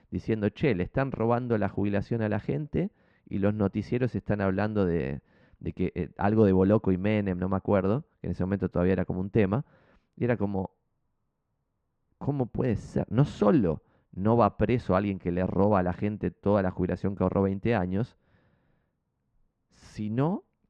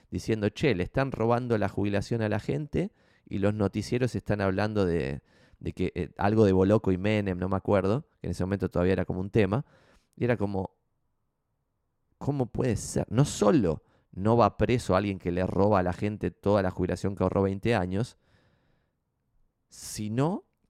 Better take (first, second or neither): second